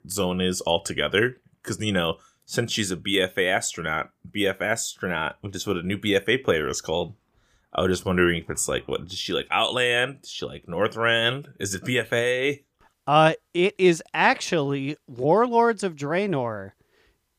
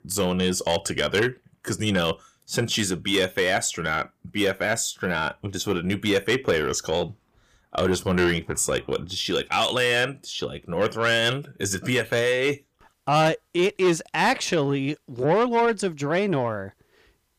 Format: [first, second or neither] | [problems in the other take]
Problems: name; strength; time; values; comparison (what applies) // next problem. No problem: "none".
first | distortion; slight; 10 dB below the speech